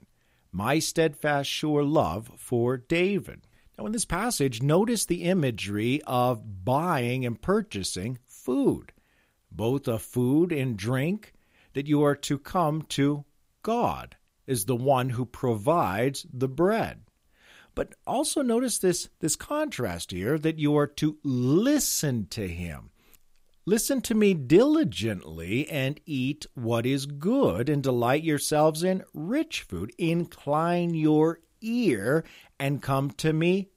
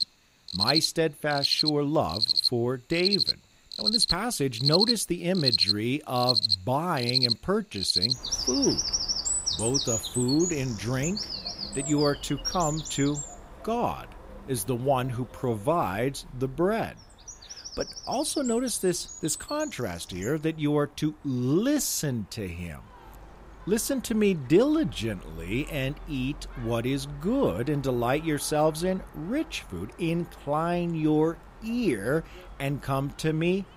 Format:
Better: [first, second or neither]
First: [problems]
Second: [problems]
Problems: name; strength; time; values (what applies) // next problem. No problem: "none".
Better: first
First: none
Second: animal sounds; very loud; throughout; 1 dB above the speech